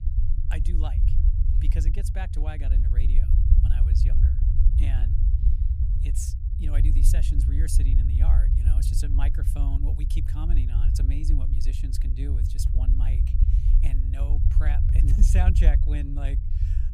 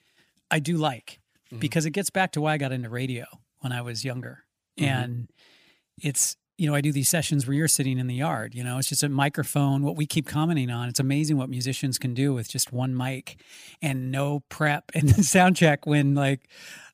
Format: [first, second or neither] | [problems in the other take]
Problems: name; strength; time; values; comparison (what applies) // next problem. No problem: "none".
second | low rumble; loud; throughout; 2 dB below the speech